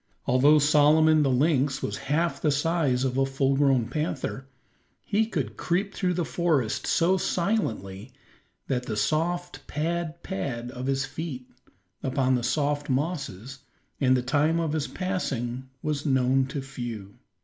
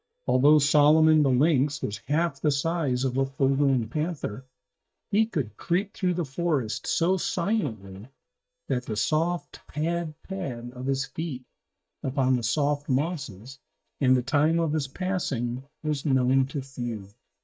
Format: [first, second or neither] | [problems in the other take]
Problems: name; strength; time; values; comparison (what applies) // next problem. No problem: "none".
first | noise reduction (neural mask model DeepFilterNet 3)